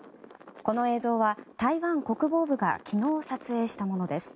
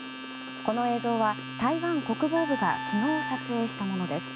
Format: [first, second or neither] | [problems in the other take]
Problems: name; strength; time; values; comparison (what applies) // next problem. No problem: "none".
first | background sound (Domestic sounds, home sounds + Wind instrument, woodwind instrument); 7 dB below the speech